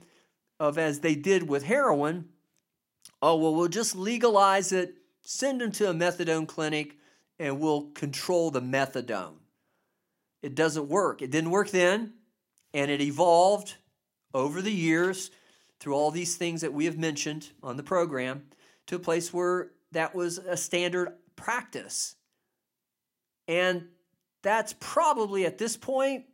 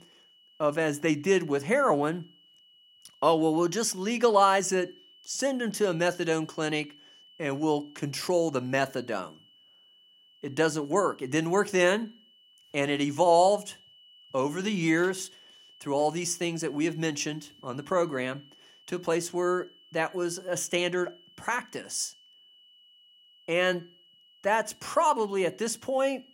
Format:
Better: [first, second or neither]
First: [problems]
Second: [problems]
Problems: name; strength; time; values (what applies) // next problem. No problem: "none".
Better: first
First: none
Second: high-pitched whine; faint; throughout; 3 kHz, 30 dB below the speech